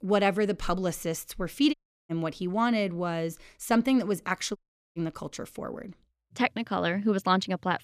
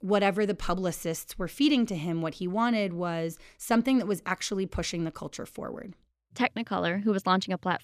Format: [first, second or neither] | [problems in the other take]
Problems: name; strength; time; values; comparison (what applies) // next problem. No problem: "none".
second | audio cutting out; at 1.5 s and at 4.5 s